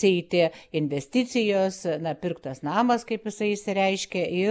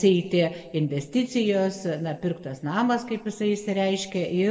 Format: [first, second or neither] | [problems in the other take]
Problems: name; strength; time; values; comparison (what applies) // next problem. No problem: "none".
first | room echo; dies away in 1 s